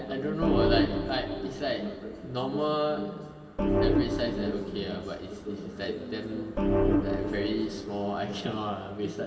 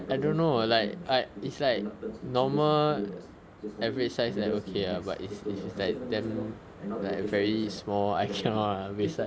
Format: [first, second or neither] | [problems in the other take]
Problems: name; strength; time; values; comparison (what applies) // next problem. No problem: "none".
second | background sound (Organ); 3 dB above the speech // room echo; dies away in 2.2 s